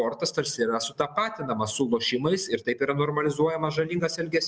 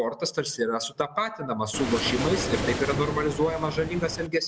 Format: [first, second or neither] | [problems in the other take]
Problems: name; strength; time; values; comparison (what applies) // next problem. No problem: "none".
first | background sound (Waves, surf); 4 dB below the speech